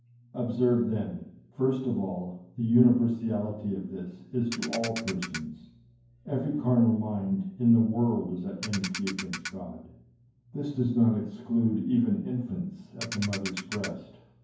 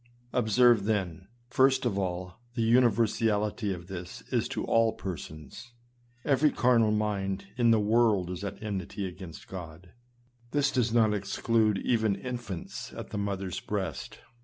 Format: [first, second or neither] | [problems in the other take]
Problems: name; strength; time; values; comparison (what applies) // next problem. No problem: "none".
second | background sound (Ratchet, pawl); 10 dB below the speech // room echo; dies away in 0.9 s